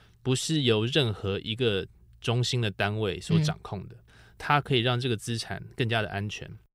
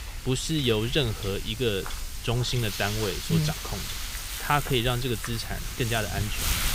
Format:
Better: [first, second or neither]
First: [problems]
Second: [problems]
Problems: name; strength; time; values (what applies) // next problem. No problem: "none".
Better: first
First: none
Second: wind noise on the microphone; heavy; 6 dB below the speech